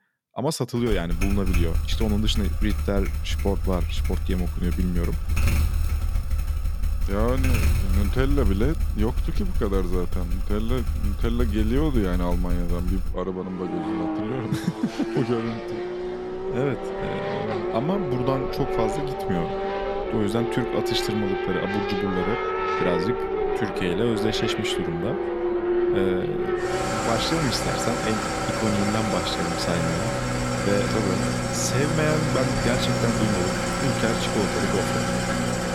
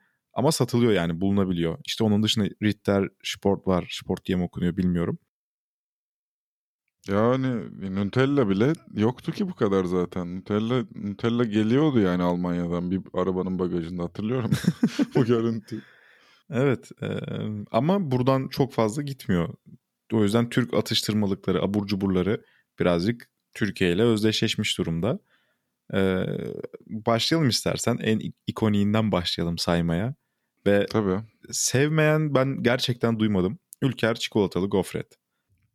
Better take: second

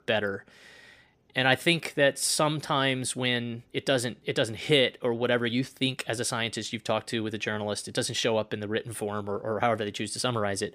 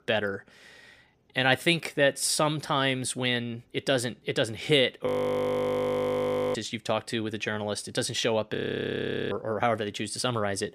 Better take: first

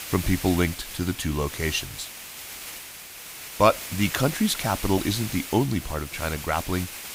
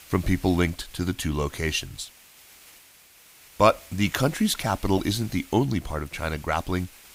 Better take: second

